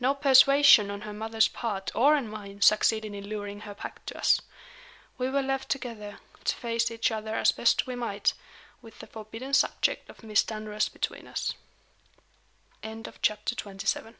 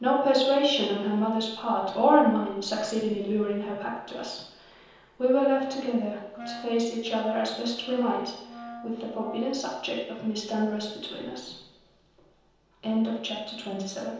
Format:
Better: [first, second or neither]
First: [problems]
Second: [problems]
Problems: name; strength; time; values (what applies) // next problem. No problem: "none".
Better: first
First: none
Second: background sound (Wind instrument, woodwind instrument); 15 dB below the speech // room echo; dies away in 0.9 s